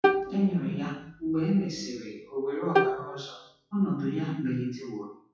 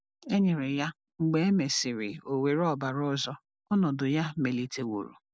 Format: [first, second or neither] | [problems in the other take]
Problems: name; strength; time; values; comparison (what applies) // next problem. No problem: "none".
second | noise reduction (classical method WPE with log-MMSE)